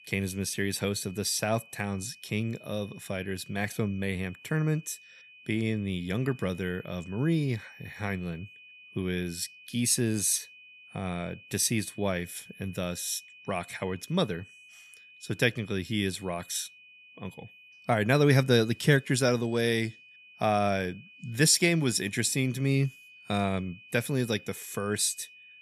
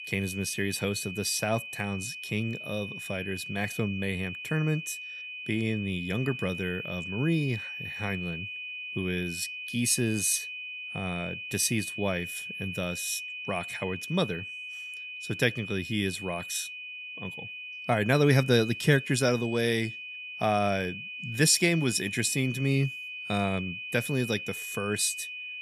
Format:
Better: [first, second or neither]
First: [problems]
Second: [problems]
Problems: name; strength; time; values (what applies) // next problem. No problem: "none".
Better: first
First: high-pitched whine; faint; throughout; 2.5 kHz, 20 dB below the speech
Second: high-pitched whine; loud; throughout; 2.5 kHz, 8 dB below the speech